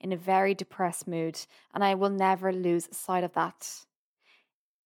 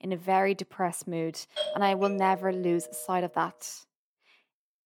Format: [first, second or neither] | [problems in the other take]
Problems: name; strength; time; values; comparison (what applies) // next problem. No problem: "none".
first | doorbell; noticeable; from 1.5 to 3 s; peak 4 dB below the speech